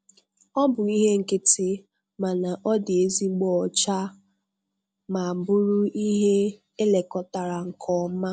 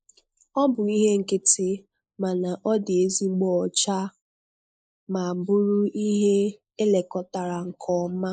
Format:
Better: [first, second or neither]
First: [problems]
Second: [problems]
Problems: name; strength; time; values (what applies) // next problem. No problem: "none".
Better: first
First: none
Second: noise reduction (neural mask model Resemble Enhance denoiser)